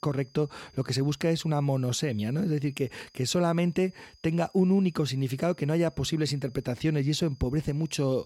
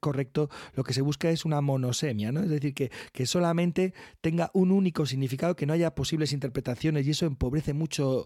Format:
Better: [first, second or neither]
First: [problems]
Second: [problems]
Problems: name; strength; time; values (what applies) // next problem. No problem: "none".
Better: second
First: high-pitched whine; faint; throughout; 5 kHz, 30 dB below the speech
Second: none